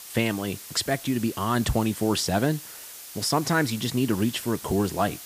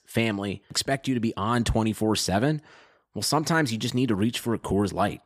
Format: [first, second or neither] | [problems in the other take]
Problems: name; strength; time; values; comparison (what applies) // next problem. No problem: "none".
second | hiss; noticeable; throughout; 15 dB below the speech